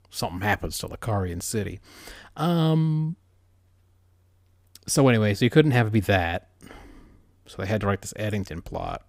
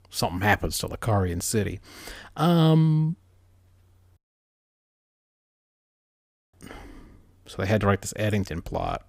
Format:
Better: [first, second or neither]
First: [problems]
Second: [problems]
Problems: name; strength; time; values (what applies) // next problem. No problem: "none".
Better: first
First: none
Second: audio cutting out; at 4 s for 2.5 s